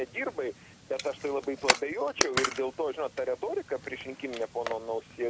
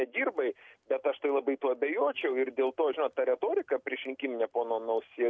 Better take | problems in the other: second | background sound (Camera); 3 dB below the speech

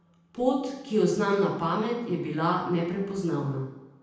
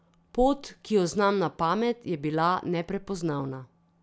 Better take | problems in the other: second | room echo; dies away in 0.9 s

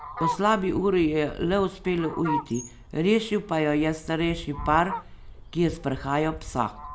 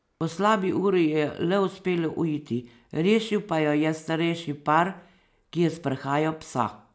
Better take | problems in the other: second | background sound (Fowl + Bird); 11 dB below the speech

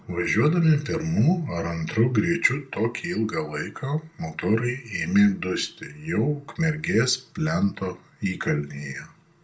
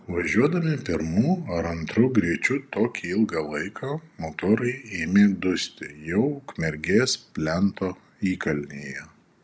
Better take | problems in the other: second | room echo; dies away in 0.2 s

